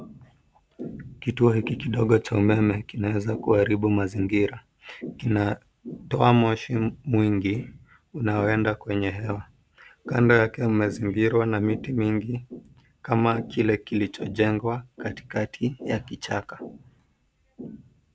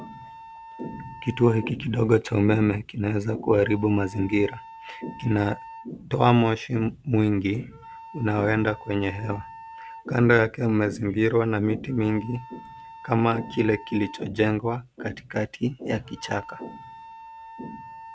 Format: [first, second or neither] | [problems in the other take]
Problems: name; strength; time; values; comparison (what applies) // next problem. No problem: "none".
first | background sound (Wind instrument, woodwind instrument); 20 dB below the speech